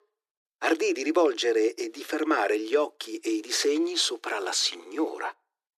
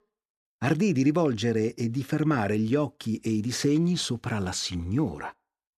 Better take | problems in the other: second | thin; very; fading below 350 Hz

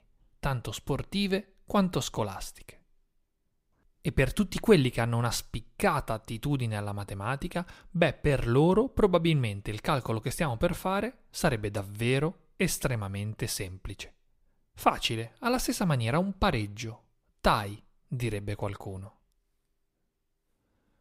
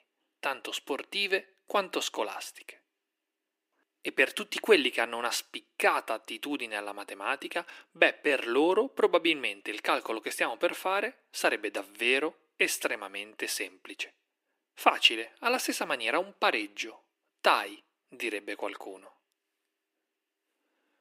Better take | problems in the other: first | thin; very; fading below 300 Hz

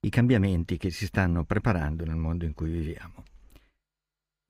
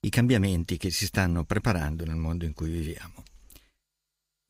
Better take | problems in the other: second | muffled; slightly; fading above 3.5 kHz

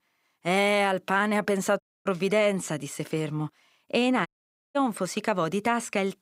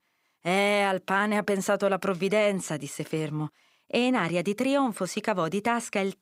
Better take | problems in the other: second | audio cutting out; at 2 s and at 4.5 s

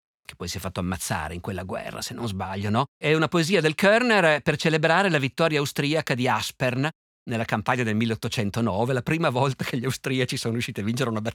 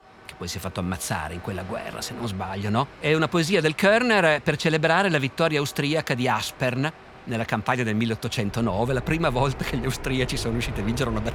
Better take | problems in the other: first | train or aircraft noise; noticeable; throughout; 15 dB below the speech

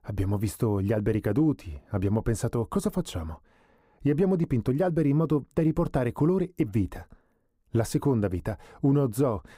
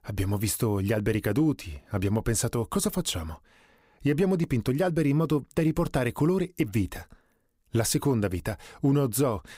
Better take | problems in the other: second | muffled; slightly; fading above 1.5 kHz

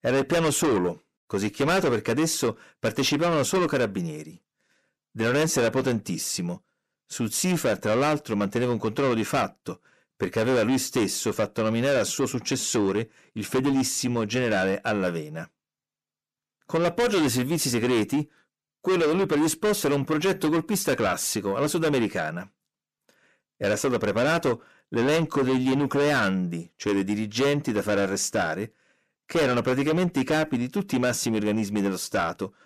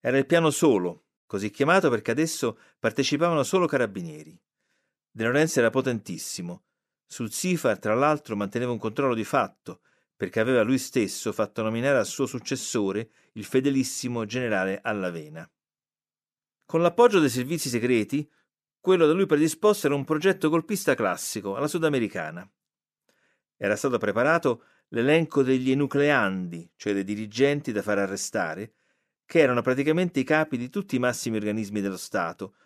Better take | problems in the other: second | distortion; heavy; 6 dB below the speech

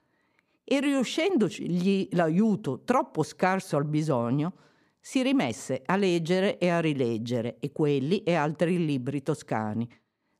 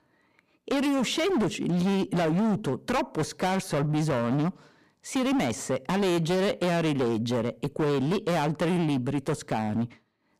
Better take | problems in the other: first | distortion; heavy; 24% of the sound clipped

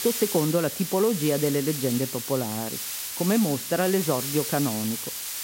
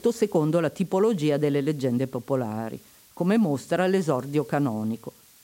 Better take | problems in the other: second | hiss; loud; throughout; 4 dB below the speech; faint in the second

